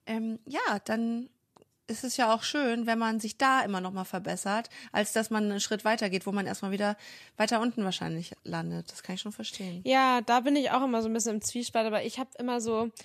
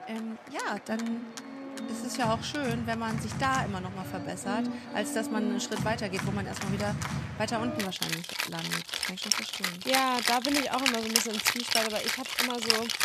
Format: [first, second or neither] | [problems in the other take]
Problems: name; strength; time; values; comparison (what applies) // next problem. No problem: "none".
first | background music; very loud; throughout; 2 dB above the speech